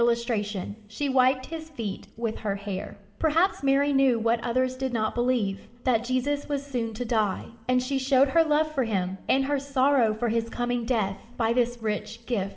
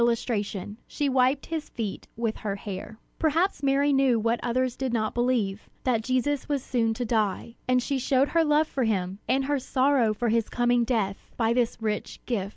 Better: second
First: room echo; dies away in 1.6 s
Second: none

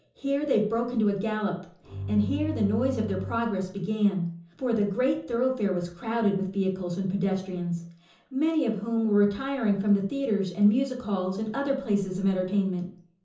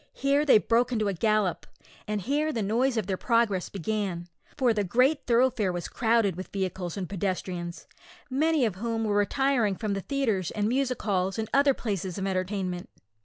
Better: second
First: background sound (Bowed string instrument); 8 dB below the speech // room echo; dies away in 0.6 s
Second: none

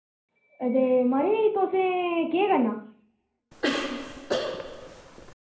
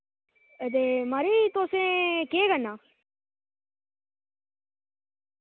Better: second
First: background sound (Cough); 5 dB below the speech // room echo; dies away in 0.6 s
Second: none

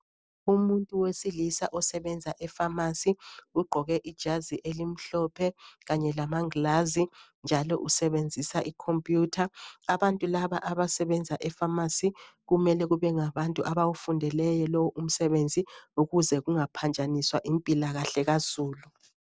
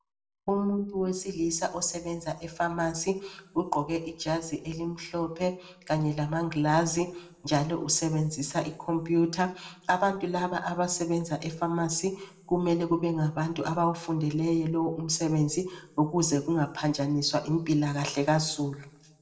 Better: first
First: none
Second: room echo; dies away in 0.4 s

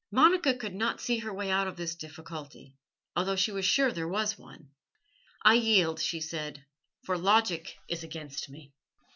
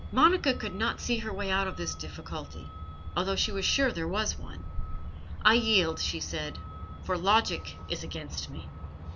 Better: first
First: none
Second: background sound (Truck); 7 dB below the speech

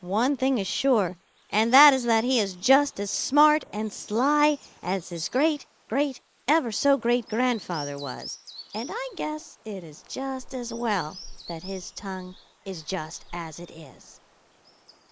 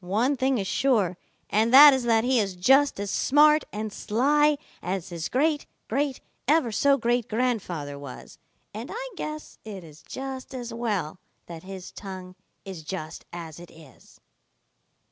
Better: second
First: noise reduction (neural mask model Resemble Enhance denoiser)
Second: none

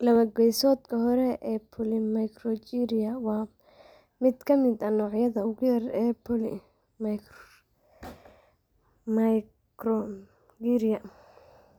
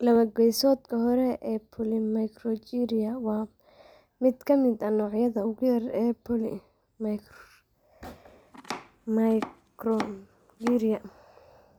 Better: first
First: none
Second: background sound (Domestic sounds, home sounds); 13 dB below the speech

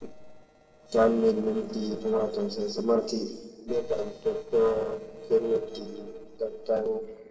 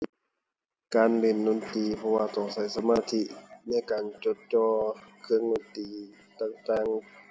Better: second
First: noise reduction (neural separator model SepFormer DNS4)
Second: none

